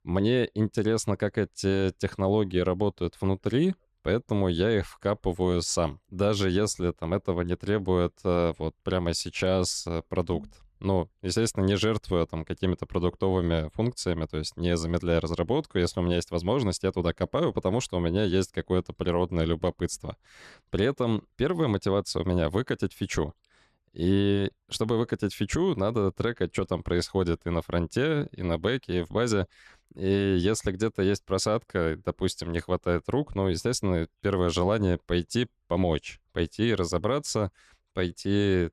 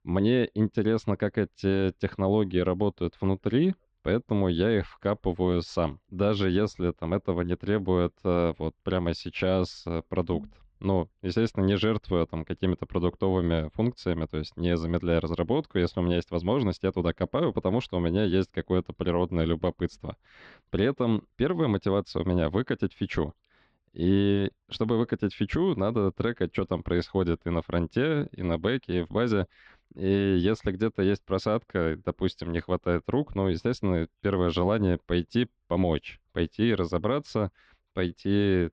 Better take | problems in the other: first | muffled; slightly; fading above 4 kHz

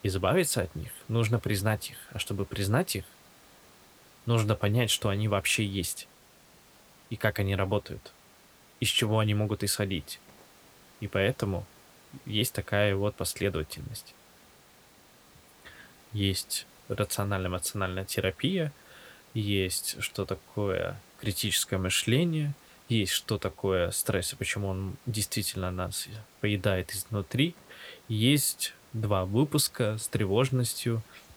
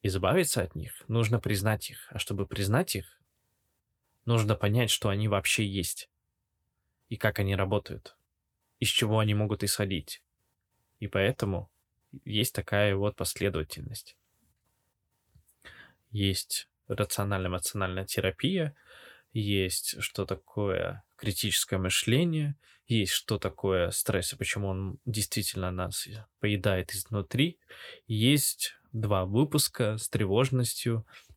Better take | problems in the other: second | hiss; faint; throughout; 25 dB below the speech

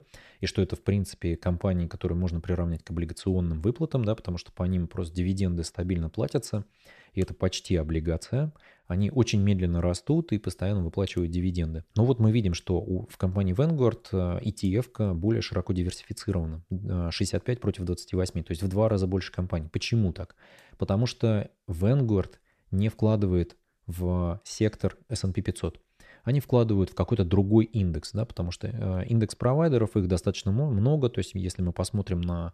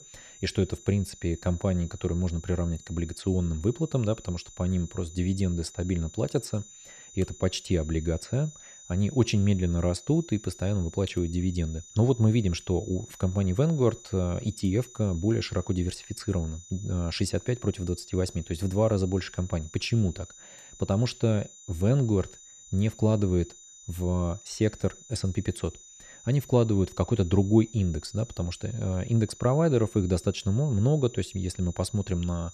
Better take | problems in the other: first | high-pitched whine; noticeable; throughout; 7 kHz, 20 dB below the speech

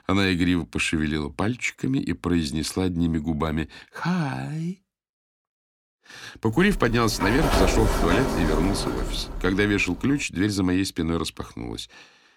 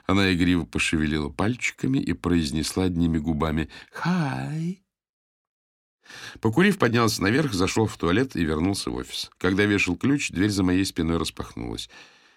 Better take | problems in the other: second | door banging; loud; from 6.5 to 10 s; peak 2 dB above the speech

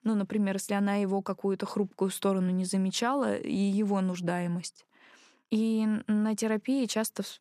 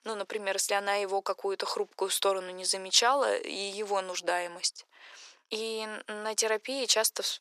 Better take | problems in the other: first | thin; very; fading below 450 Hz

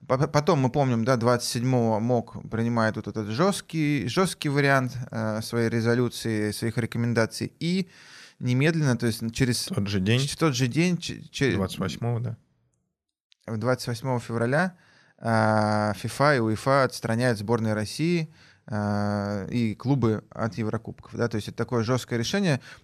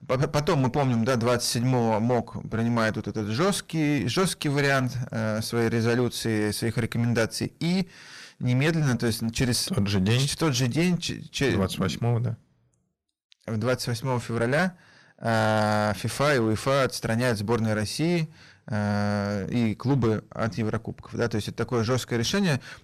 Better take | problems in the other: first | distortion; heavy; 10% of the sound clipped

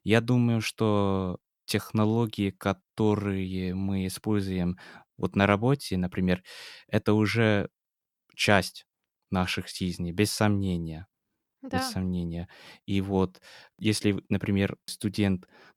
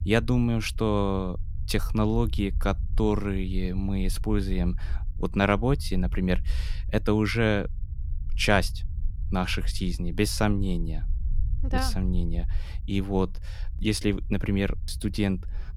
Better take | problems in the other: first | low rumble; faint; throughout; 25 dB below the speech

